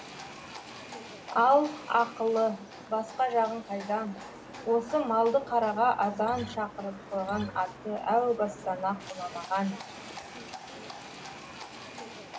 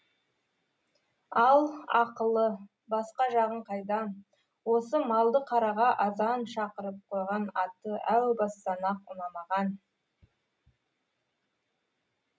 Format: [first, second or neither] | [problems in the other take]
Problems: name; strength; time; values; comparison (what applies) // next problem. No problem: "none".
second | background sound (Acoustic guitar + Livestock, farm animals, working animals); 14 dB below the speech